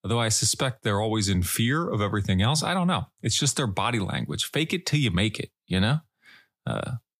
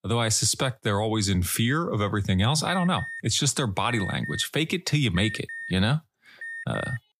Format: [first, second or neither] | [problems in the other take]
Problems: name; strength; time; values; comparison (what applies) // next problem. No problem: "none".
first | alarm; noticeable; from 2.5 s on; peak 9 dB below the speech